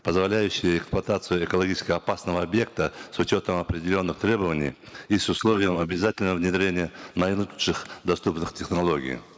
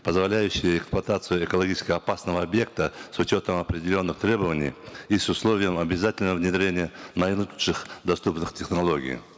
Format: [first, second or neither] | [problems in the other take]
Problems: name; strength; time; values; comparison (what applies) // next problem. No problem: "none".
second | noise reduction (neural mask model Resemble Enhance denoiser)